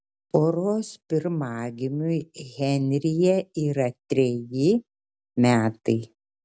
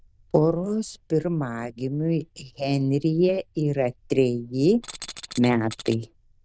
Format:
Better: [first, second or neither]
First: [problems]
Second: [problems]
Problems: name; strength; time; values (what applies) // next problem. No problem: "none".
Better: first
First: none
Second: noise reduction (neural diffusion model UNIVERSE++)